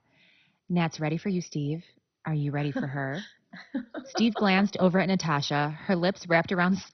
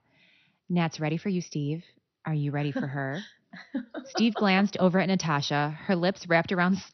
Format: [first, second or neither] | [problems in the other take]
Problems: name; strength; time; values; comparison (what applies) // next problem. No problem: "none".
second | garbled, watery; badly; nothing above 6 kHz; slightly in the second